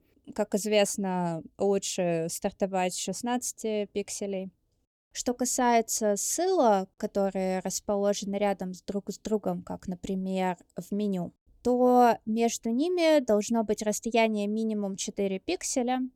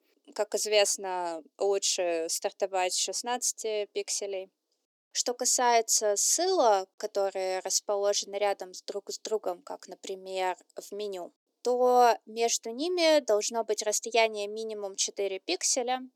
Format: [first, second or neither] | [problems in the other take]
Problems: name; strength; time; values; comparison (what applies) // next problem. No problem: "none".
first | thin; very; fading below 350 Hz